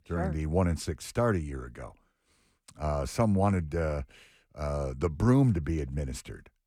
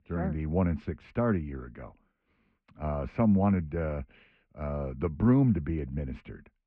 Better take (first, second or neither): first